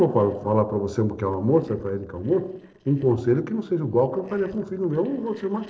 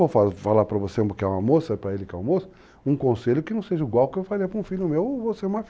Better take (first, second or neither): second